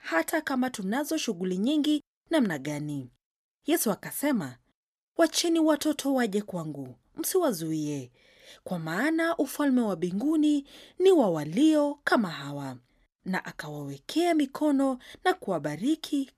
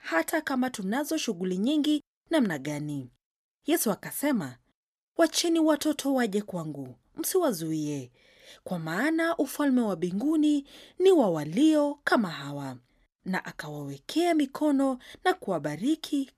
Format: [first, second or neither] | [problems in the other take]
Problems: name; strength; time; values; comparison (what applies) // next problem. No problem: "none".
neither | none